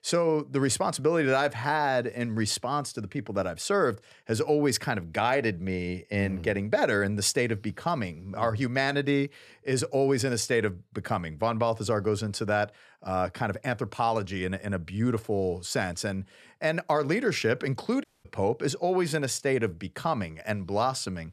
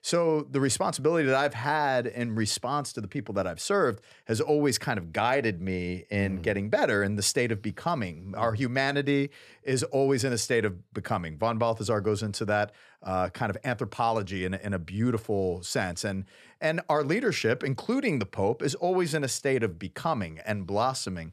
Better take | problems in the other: second | audio cutting out; at 18 s

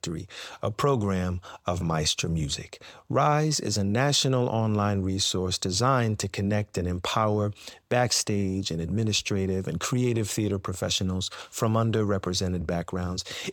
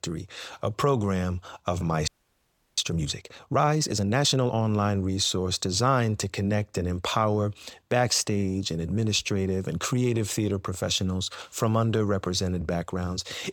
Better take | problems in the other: first | audio freezing; at 2 s for 0.5 s

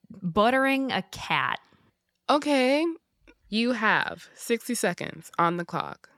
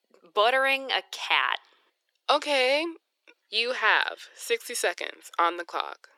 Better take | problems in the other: first | thin; very; fading below 350 Hz

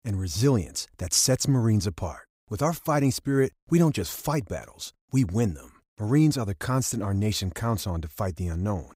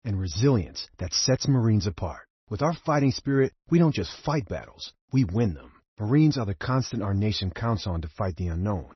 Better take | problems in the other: first | garbled, watery; slightly; nothing above 6 kHz

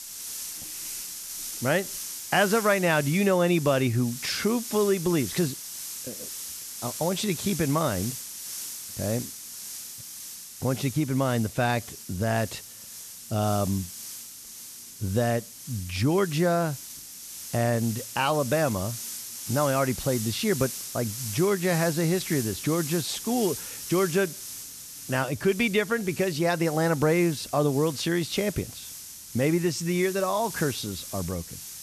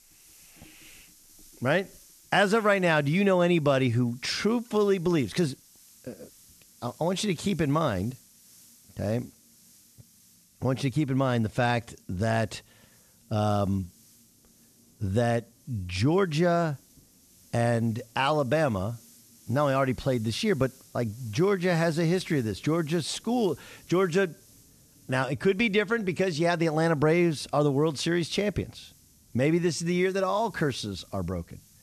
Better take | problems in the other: second | hiss; loud; throughout; 9 dB below the speech; faint in the second

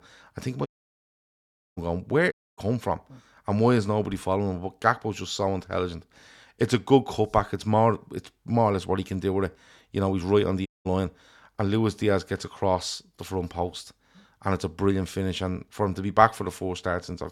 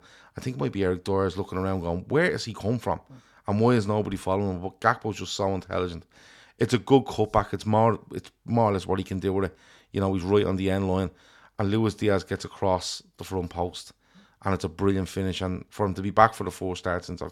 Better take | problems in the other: second | audio cutting out; at 0.5 s for 1 s, at 2.5 s and at 11 s

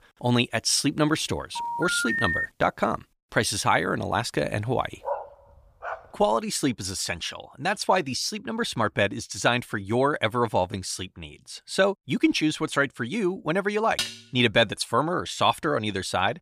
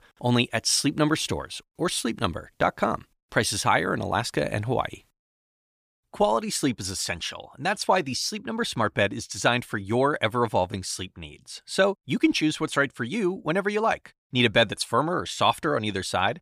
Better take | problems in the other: second | phone ringing; loud; at 1.5 s; peak level with the speech // dog barking; noticeable; at 5 s; peak 8 dB below the speech // clattering dishes; noticeable; at 14 s; peak 4 dB below the speech

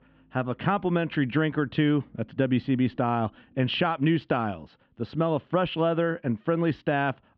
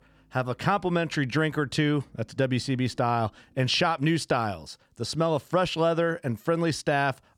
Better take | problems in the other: second | muffled; very; fading above 3 kHz

